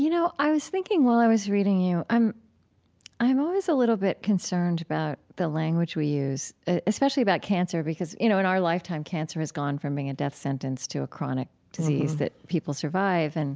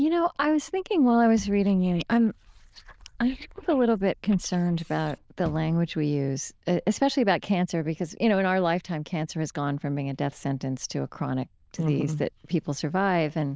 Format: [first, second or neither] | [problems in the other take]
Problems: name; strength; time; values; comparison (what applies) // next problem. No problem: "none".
first | noise reduction (neural diffusion model UNIVERSE++)